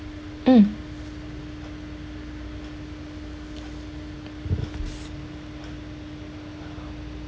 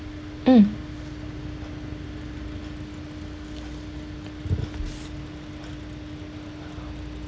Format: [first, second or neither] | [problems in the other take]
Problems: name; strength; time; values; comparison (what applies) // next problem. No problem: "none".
first | background sound (Motor vehicle (road)); 16 dB below the speech